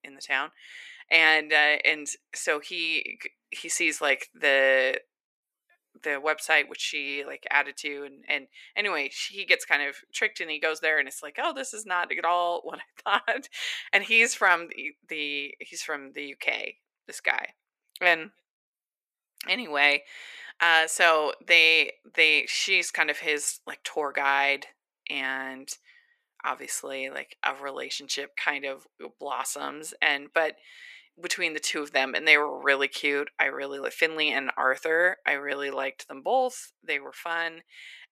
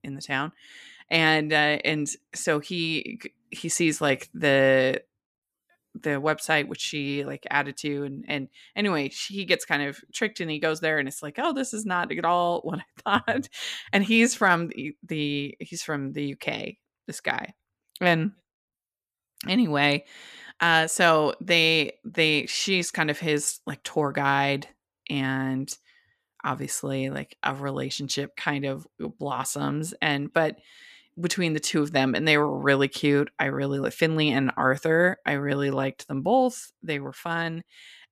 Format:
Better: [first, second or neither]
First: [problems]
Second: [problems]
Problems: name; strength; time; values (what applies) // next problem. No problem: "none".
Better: second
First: thin; very; fading below 450 Hz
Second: none